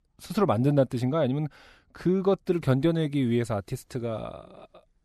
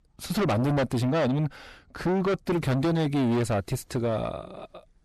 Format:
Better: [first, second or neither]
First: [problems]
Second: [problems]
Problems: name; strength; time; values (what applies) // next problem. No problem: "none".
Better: first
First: none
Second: distortion; heavy; 6 dB below the speech